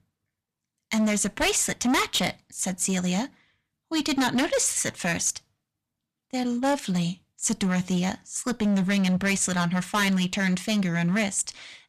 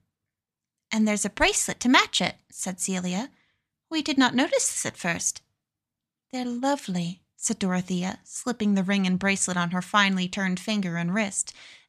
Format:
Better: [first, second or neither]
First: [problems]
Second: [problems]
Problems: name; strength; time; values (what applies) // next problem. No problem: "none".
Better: second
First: distortion; heavy; 12% of the sound clipped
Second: none